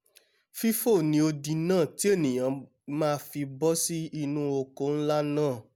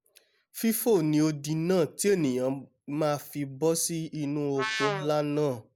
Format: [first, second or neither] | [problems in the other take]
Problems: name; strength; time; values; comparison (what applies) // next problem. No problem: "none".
first | noise reduction (neural mask model Resemble Enhance denoiser)